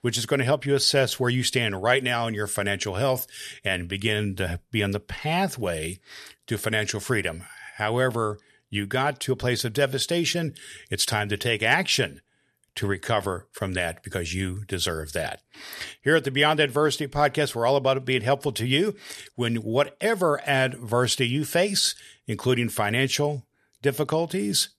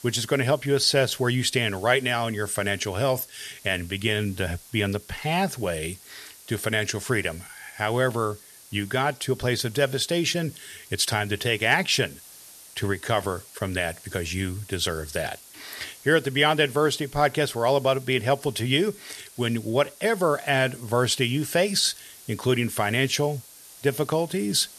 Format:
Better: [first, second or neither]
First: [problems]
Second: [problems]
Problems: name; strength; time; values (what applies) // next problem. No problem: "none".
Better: first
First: none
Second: hiss; faint; throughout; 20 dB below the speech